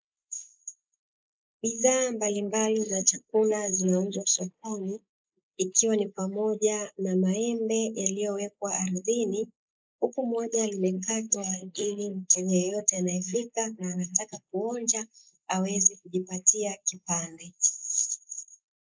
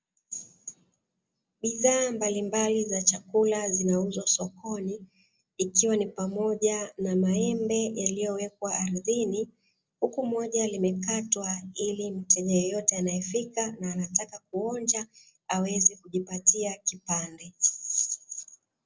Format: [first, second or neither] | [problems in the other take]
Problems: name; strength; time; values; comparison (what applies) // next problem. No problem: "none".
second | noise reduction (neural mask model Resemble Enhance denoiser)